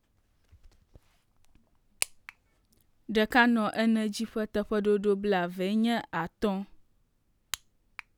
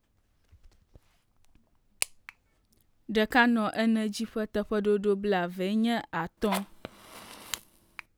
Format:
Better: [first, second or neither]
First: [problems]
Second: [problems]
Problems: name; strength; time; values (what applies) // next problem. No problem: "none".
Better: first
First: none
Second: background sound (Fire); 11 dB below the speech